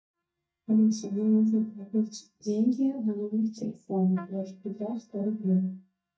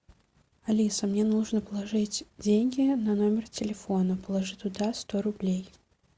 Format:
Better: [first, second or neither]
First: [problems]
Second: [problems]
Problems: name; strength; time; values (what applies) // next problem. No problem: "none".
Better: second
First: noise reduction (neural mask model DeepFilterNet 3)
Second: none